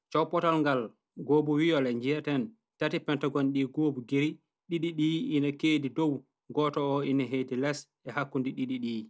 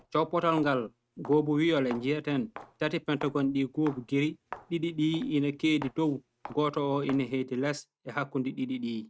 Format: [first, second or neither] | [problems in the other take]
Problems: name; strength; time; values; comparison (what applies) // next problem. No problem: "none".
first | noise reduction (neural mask model RNNoise)